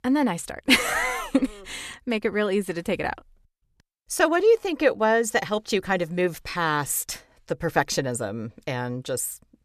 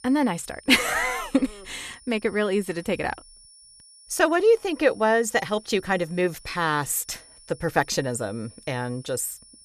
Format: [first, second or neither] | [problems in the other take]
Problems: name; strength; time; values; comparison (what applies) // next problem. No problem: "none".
first | high-pitched whine; faint; throughout; 10 kHz, 25 dB below the speech